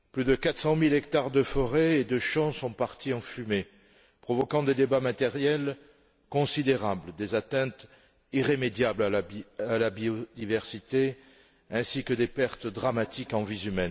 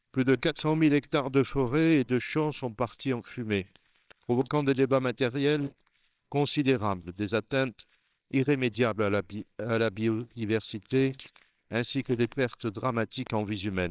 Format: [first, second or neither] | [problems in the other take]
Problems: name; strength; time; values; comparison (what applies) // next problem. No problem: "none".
first | noise reduction (neural separator model SepFormer WHAMR!)